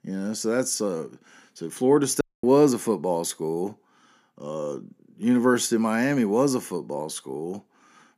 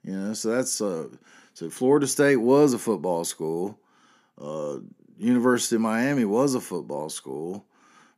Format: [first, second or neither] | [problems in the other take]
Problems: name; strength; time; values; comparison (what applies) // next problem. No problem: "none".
second | audio cutting out; at 2 s